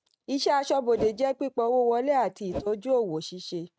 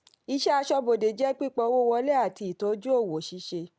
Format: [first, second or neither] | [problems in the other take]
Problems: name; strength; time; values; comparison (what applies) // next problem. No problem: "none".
second | noise reduction (neural mask model RNNoise)